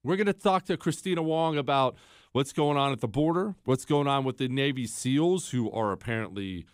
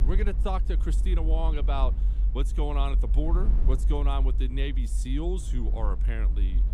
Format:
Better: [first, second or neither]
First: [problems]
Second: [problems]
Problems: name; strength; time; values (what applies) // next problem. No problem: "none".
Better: first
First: none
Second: low rumble; noticeable; throughout; 10 dB below the speech